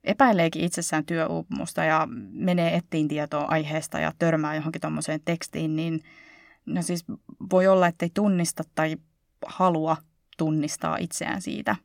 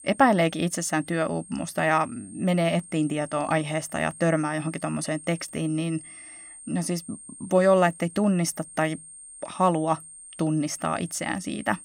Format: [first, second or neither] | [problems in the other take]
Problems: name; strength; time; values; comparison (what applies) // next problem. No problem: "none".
first | high-pitched whine; noticeable; throughout; 8.5 kHz, 15 dB below the speech